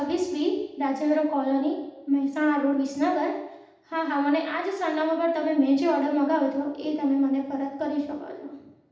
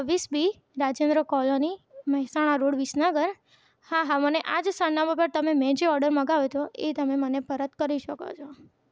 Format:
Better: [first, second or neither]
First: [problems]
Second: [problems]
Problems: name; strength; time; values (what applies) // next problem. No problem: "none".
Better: second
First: room echo; dies away in 0.8 s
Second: none